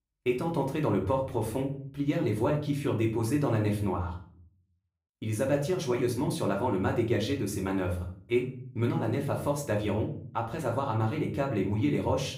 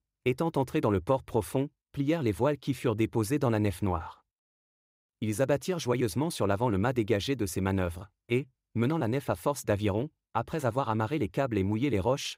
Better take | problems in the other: second | room echo; slight; dies away in 0.4 s // off-mic speech; somewhat distant

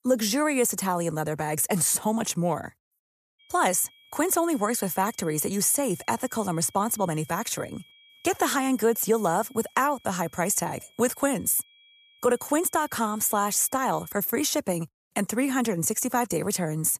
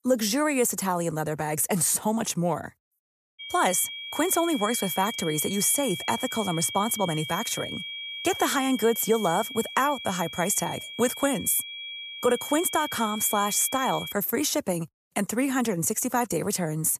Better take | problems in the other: first | high-pitched whine; loud; from 3.5 to 14 s; 3.5 kHz, 9 dB below the speech; faint in the first

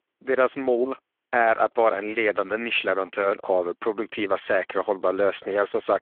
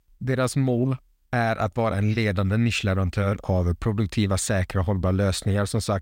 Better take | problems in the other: second | phone-call audio

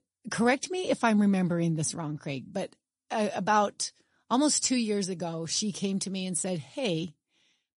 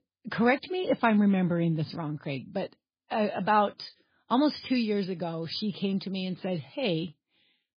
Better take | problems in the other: first | garbled, watery; badly; nothing above 5 kHz; slightly in the first

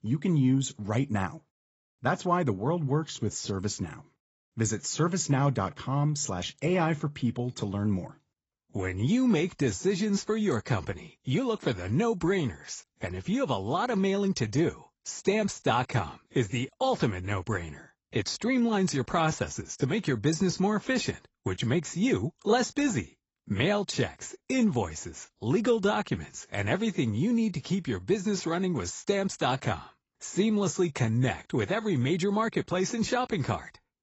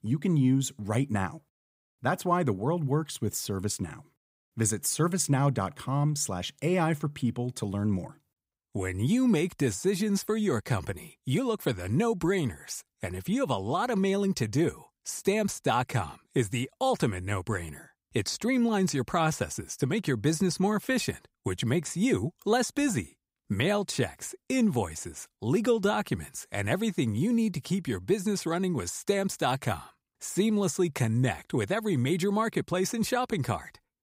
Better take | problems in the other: second | garbled, watery; badly; nothing above 7.5 kHz

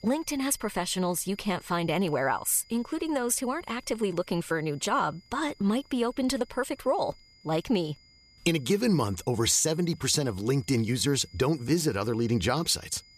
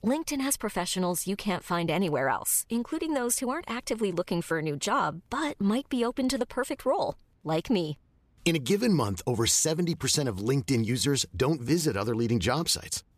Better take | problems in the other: second | high-pitched whine; faint; throughout; 5 kHz, 25 dB below the speech

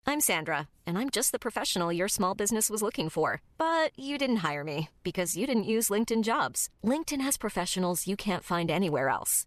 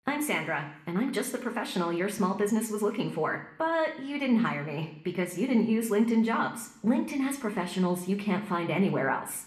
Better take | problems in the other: first | room echo; slight; dies away in 0.8 s // off-mic speech; somewhat distant

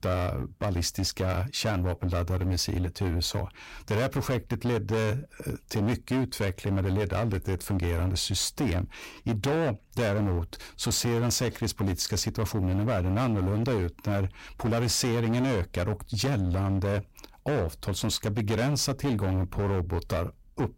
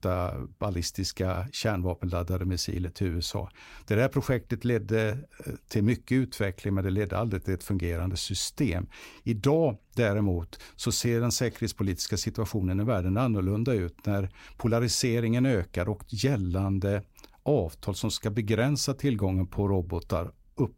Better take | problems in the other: second | distortion; heavy; 21% of the sound clipped

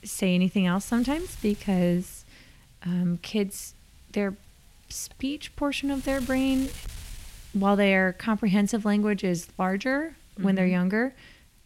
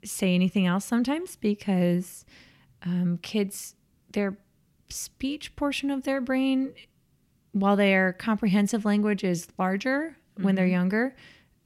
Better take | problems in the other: second | wind noise on the microphone; occasional gusts; 20 dB below the speech

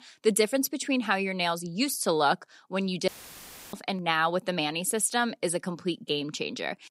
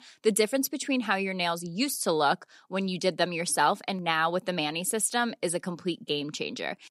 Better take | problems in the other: second | audio cutting out; filled with static; at 3 s for 0.5 s

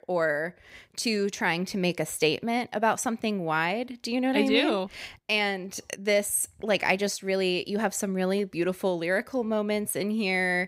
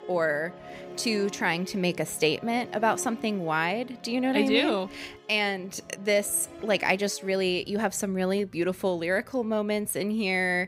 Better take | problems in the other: first | background music; noticeable; throughout; 20 dB below the speech

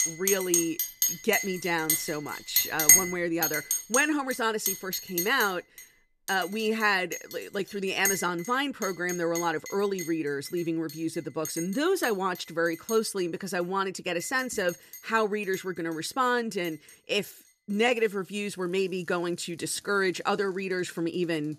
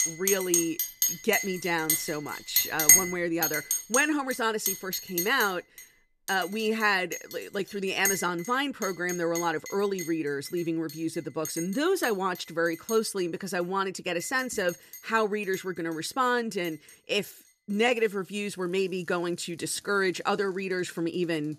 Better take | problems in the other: neither | household noises; very loud; throughout; 2 dB above the speech; the same in both

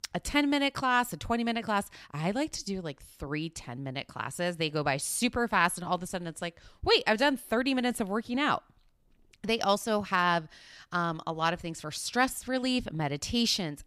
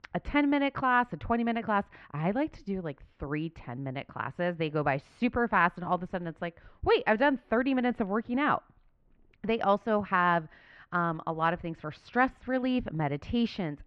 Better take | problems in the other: first | muffled; very; fading above 2 kHz

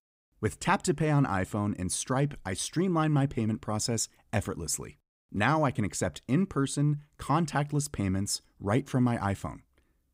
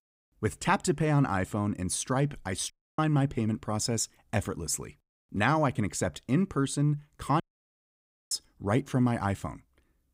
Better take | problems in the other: first | audio cutting out; at 2.5 s and at 7.5 s for 1 s

